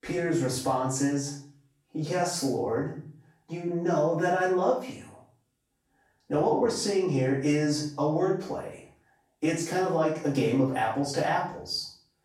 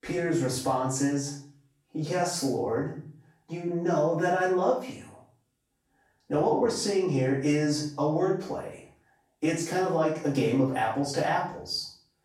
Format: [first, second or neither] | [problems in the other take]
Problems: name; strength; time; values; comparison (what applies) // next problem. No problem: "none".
neither | room echo; noticeable; dies away in 0.5 s; the same in both // off-mic speech; far; the same in both